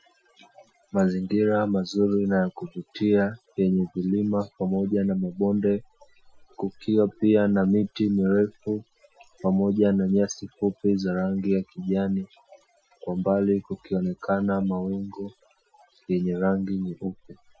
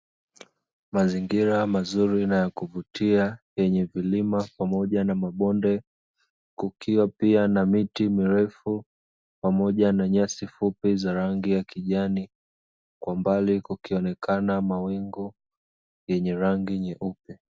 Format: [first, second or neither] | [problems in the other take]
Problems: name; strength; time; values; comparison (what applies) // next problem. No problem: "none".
second | noise reduction (classical method Wiener filter)